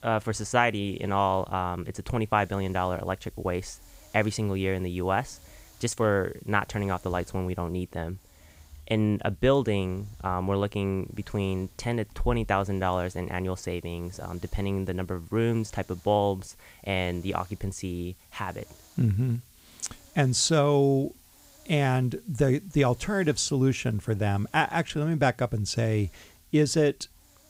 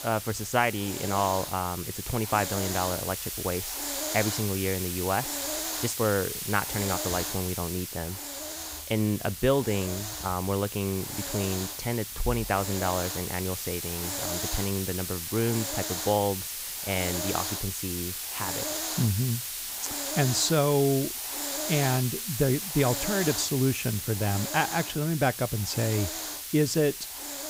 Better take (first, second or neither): first